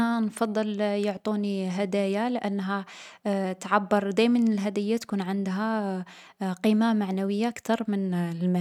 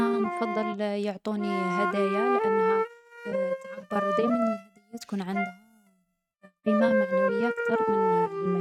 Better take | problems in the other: first | noise reduction (neural mask model RNNoise)

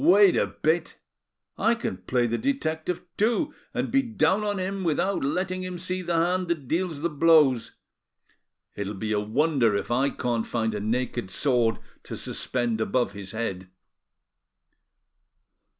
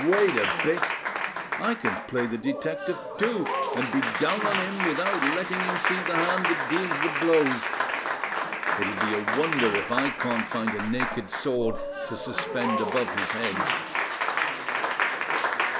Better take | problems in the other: first | background sound (Applause); 1 dB above the speech

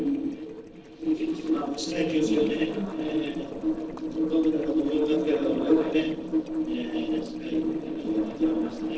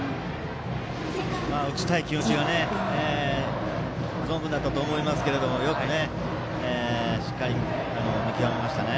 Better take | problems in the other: second | noise reduction (neural separator model SepFormer DNS4)

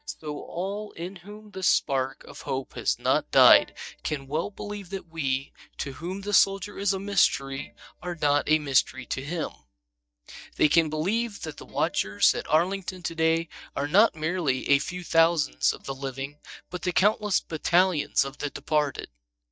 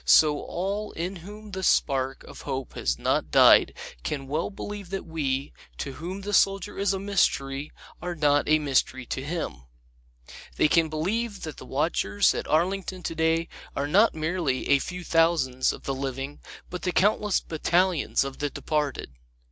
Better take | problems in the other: second | noise reduction (neural mask model DeepFilterNet 3)

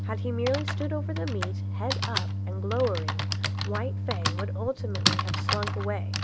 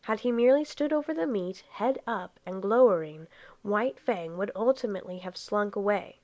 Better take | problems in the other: second | background sound (Organ + Typing); 5 dB above the speech

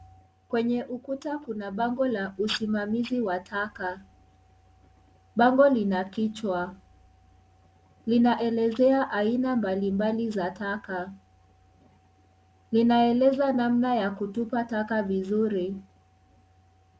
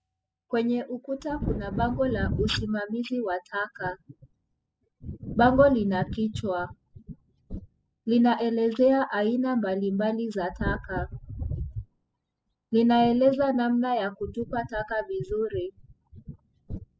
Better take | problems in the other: first | noise reduction (classical method spectral subtraction)

